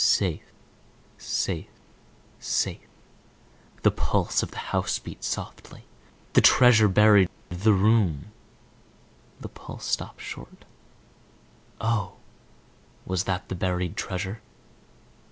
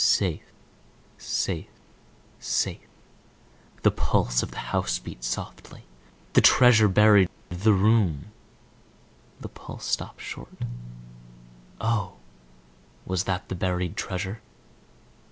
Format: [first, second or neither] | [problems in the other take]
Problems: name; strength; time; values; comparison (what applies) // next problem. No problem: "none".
first | background sound (Drum); 17 dB below the speech